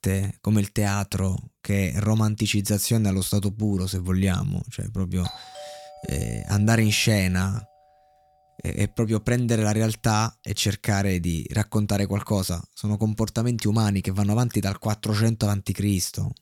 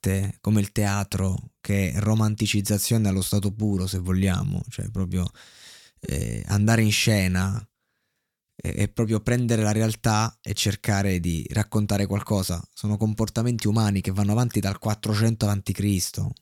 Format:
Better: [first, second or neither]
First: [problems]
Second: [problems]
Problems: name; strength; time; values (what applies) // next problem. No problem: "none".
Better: second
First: doorbell; faint; from 5 to 7.5 s; peak 15 dB below the speech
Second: none